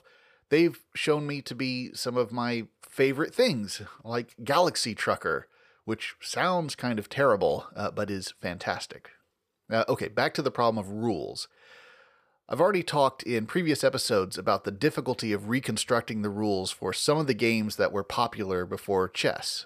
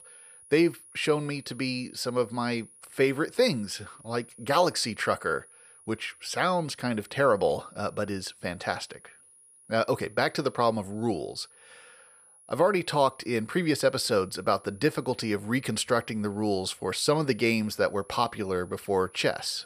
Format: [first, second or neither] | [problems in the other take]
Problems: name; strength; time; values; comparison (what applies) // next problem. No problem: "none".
first | high-pitched whine; faint; throughout; 10.5 kHz, 25 dB below the speech